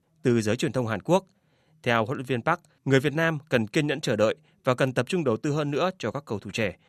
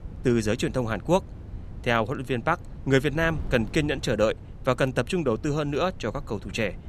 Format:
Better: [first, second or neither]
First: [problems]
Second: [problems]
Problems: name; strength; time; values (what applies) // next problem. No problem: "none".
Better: first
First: none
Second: wind noise on the microphone; occasional gusts; 25 dB below the speech